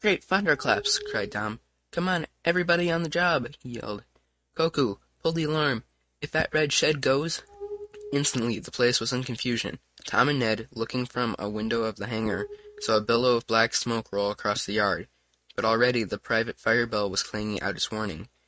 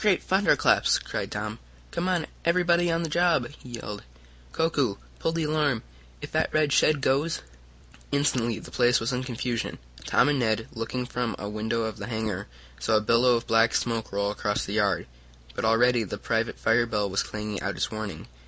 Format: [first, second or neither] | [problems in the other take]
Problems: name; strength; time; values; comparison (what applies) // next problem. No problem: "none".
second | noise reduction (neural mask model RNNoise)